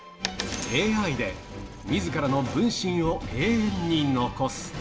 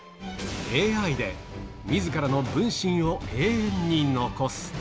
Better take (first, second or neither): second